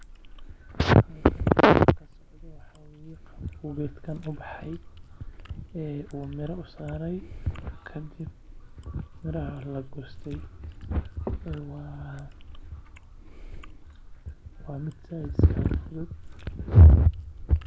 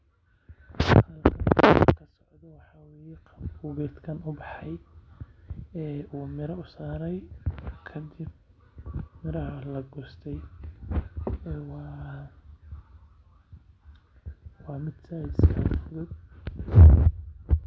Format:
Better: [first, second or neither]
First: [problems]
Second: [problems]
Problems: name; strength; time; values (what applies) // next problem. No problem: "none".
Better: second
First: background sound (Chewing, mastication); 18 dB below the speech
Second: none